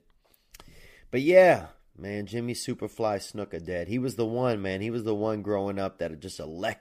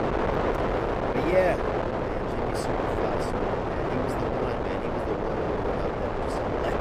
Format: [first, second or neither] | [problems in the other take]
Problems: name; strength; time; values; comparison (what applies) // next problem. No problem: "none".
first | wind noise on the microphone; heavy; 5 dB above the speech